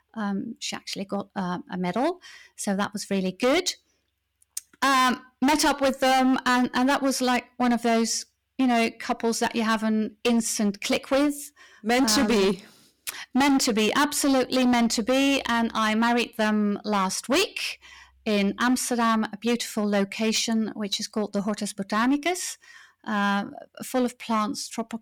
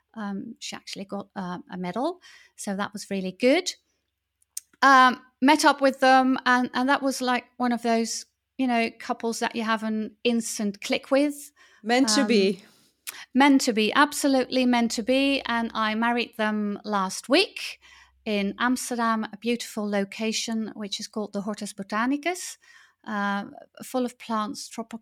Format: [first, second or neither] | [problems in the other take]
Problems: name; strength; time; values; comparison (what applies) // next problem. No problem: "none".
second | distortion; heavy; 11% of the sound clipped